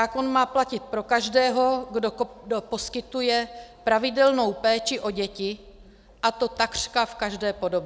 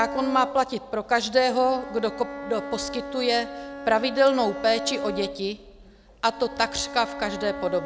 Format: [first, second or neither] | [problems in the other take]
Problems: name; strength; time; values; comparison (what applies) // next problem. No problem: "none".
first | background sound (Bowed string instrument); 11 dB below the speech